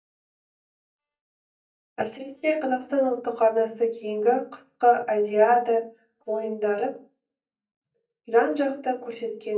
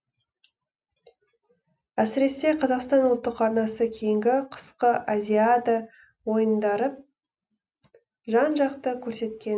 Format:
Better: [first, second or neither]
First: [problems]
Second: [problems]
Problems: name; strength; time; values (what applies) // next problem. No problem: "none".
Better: second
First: noise reduction (neural mask model DeepFilterNet 3)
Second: none